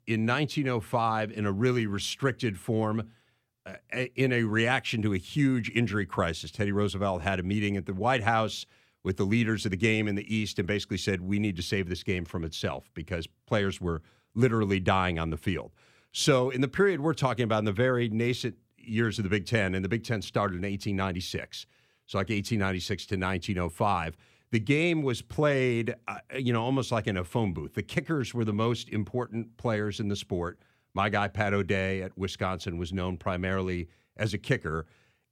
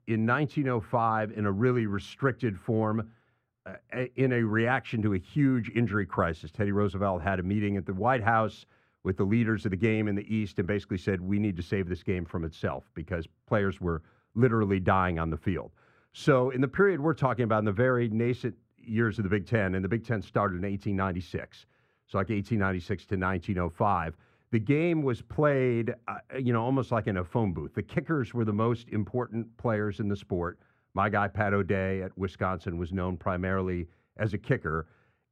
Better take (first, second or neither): first